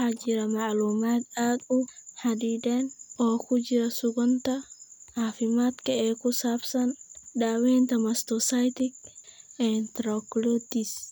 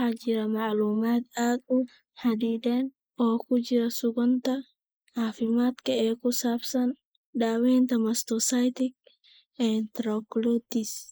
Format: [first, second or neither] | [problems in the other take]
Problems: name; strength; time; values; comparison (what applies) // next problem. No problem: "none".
first | noise reduction (neural mask model Resemble Enhance denoiser)